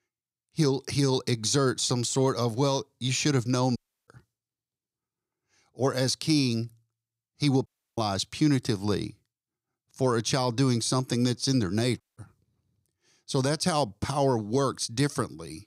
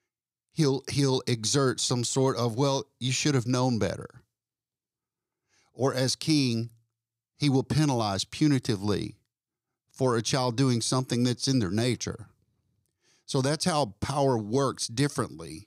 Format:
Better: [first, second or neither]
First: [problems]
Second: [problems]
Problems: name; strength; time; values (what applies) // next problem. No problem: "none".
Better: second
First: audio cutting out; at 4 s, at 7.5 s and at 12 s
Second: none